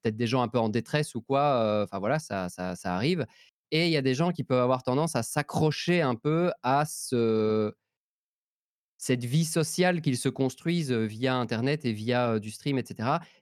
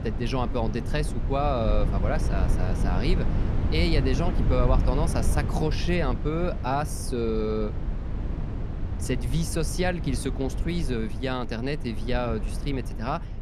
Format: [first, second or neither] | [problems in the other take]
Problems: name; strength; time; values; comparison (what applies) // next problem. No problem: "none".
first | low rumble; loud; throughout; 9 dB below the speech